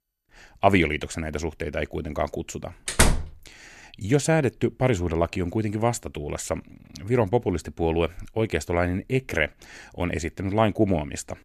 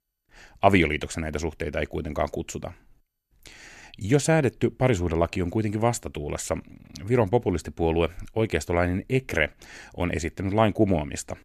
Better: second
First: door banging; loud; at 3 s; peak 4 dB above the speech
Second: none

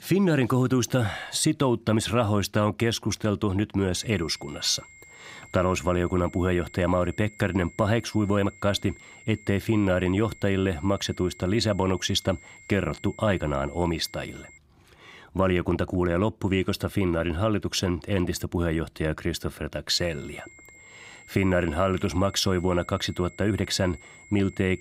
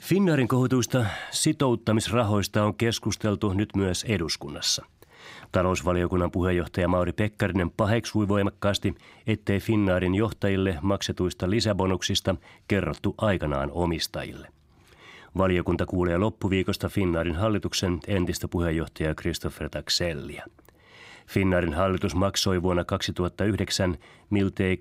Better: second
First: high-pitched whine; faint; from 4 to 15 s and from 20 s on; 2 kHz, 20 dB below the speech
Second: none

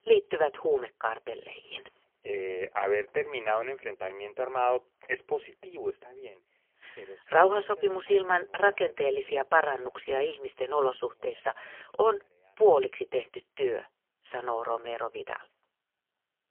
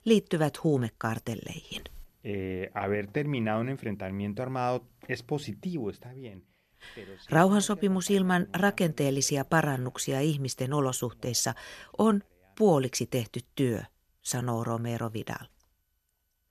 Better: second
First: phone-call audio; poor line; nothing above 3.5 kHz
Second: none

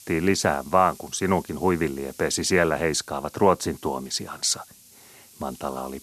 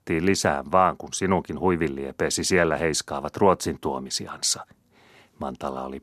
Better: second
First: hiss; faint; throughout; 20 dB below the speech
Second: none

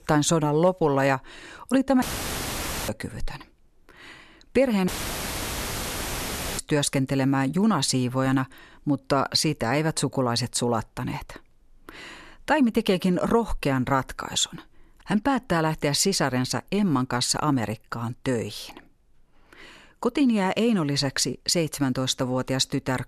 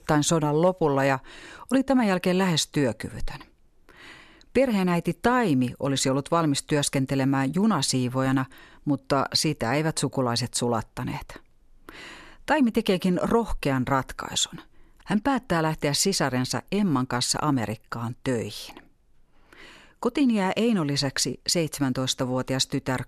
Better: second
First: audio cutting out; filled with static; at 2 s for 1 s and at 5 s for 1.5 s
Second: none

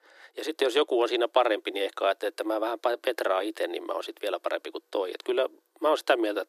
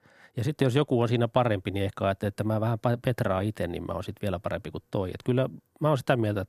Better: second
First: thin; very; fading below 300 Hz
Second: none

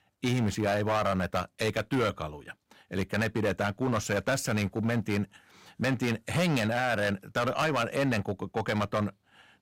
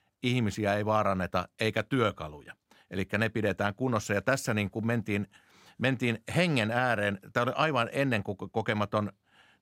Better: second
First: distortion; heavy; 8% of the sound clipped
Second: none

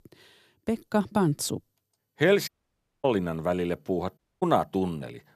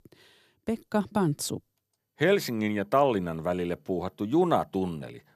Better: second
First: audio cutting out; at 2.5 s for 0.5 s and at 4 s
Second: none

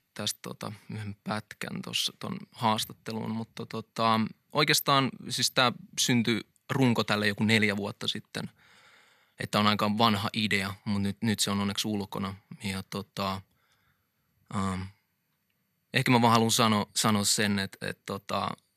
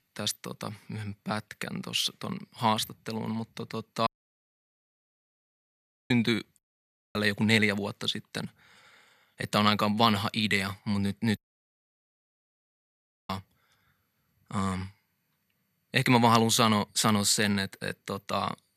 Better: first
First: none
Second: audio cutting out; at 4 s for 2 s, at 6.5 s for 0.5 s and at 11 s for 2 s

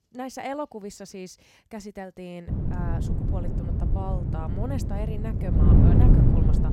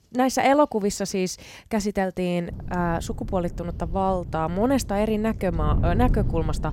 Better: second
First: wind noise on the microphone; heavy; from 2.5 s on; 3 dB above the speech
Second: wind noise on the microphone; occasional gusts; from 2.5 s on; 15 dB below the speech

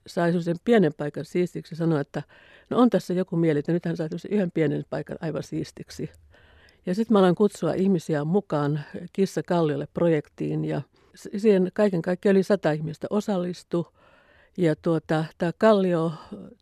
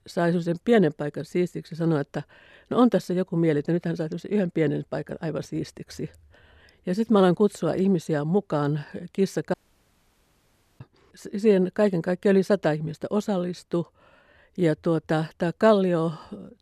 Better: first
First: none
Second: audio cutting out; at 9.5 s for 1.5 s

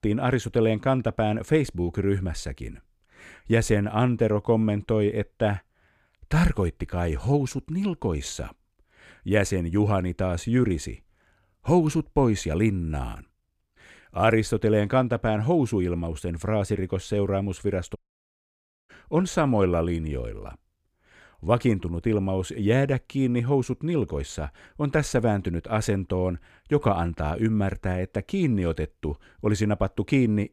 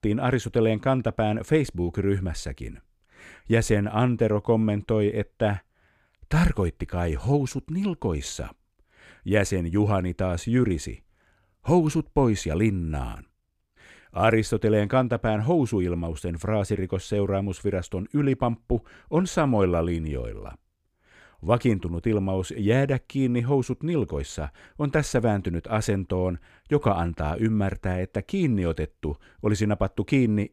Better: second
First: audio cutting out; at 18 s for 1 s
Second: none

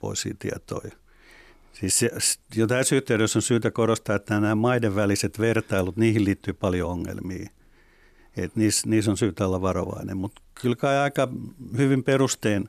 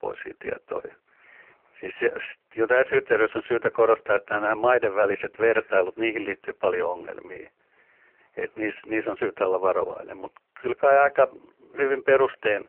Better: first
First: none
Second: phone-call audio; poor line

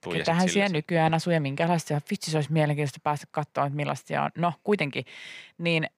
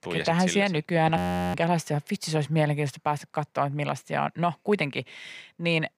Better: first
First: none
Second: audio freezing; at 1 s

